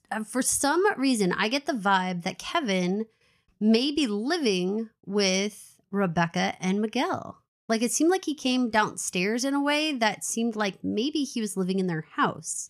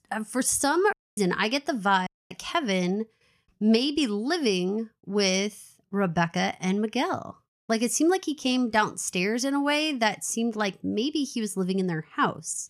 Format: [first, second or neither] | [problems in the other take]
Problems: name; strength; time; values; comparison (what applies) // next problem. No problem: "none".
first | audio cutting out; at 1 s and at 2 s